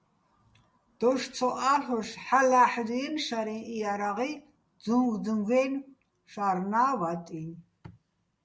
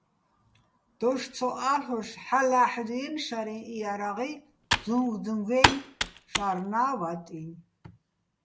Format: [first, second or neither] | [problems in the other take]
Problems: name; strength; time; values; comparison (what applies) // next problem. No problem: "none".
first | background sound (Computer keyboard); as loud as the speech